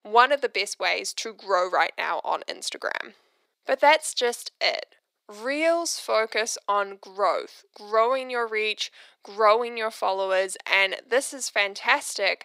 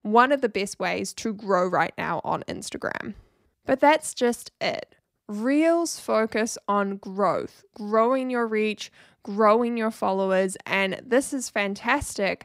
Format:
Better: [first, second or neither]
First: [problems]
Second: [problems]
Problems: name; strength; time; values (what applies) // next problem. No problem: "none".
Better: second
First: thin; very; fading below 450 Hz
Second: none